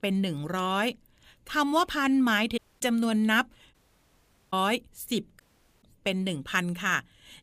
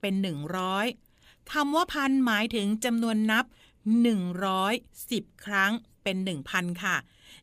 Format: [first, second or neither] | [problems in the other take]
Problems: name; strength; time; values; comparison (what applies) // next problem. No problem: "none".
second | audio cutting out; at 2.5 s, at 3.5 s for 1 s and at 5.5 s